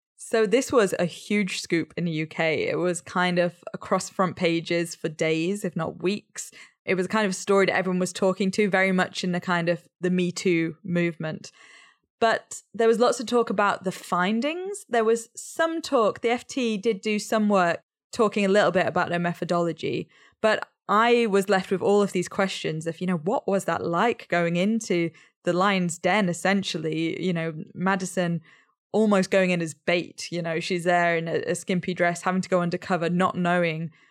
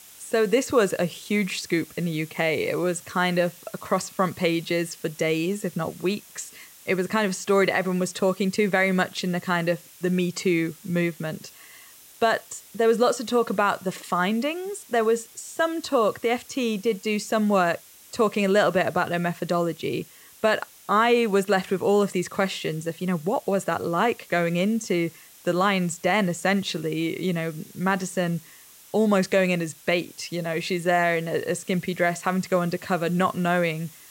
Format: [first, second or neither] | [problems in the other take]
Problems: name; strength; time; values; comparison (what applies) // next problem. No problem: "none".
first | hiss; faint; throughout; 20 dB below the speech